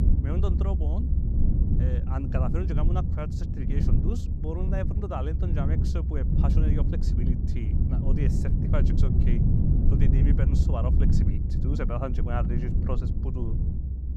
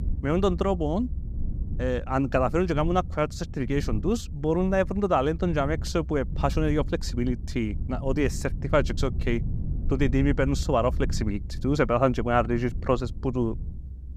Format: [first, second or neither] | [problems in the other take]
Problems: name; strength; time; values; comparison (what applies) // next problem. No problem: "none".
second | low rumble; loud; throughout; 1 dB below the speech; faint in the second